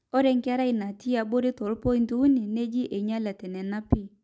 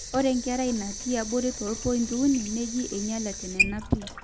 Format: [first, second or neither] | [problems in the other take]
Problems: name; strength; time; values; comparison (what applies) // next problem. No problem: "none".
first | background sound (Sink (filling or washing) / Water); 6 dB below the speech